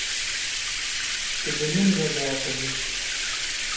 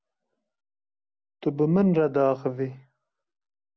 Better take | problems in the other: second | background sound (Bathtub (filling or washing)); 2 dB above the speech // room echo; dies away in 0.9 s

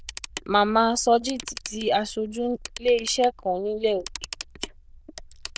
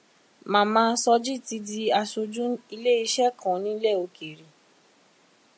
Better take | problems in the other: second | noise reduction (neural diffusion model UNIVERSE++)

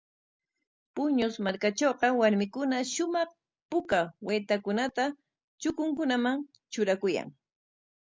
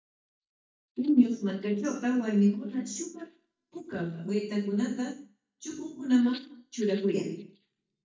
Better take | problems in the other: first | noise reduction (neural mask model DeepFilterNet 3)

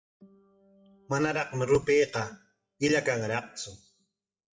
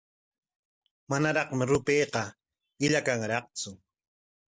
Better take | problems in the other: second | noise reduction (classical method WPE with log-MMSE)

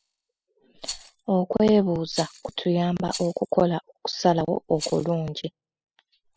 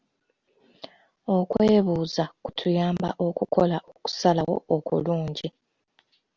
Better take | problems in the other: second | noise reduction (classical method spectral subtraction)

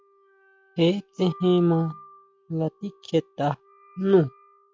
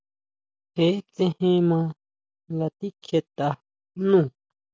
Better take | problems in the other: second | noise reduction (classical method log-MMSE)

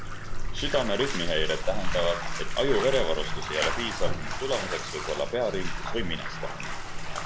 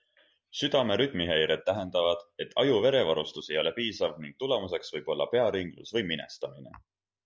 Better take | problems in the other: second | background sound (Bathtub (filling or washing)); 2 dB above the speech // room echo; dies away in 0.6 s

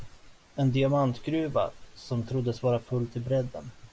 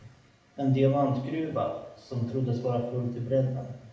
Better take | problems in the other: first | room echo; dies away in 0.8 s

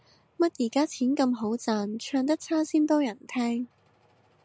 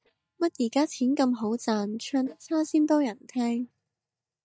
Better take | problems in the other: first | noise reduction (neural mask model DeepFilterNet 3)

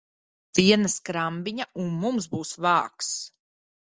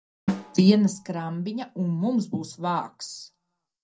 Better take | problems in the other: first | background sound (Drum); 13 dB below the speech // room echo; dies away in 0.2 s

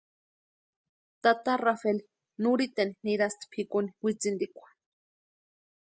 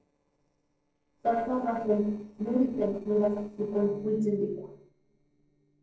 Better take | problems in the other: first | noise reduction (neural separator model SepFormer DNS4)

